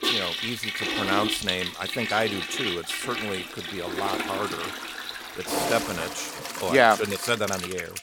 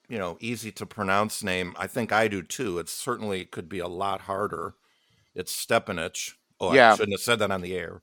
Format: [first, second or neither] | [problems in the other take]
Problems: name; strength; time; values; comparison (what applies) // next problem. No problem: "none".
second | household noises; loud; throughout; 2 dB below the speech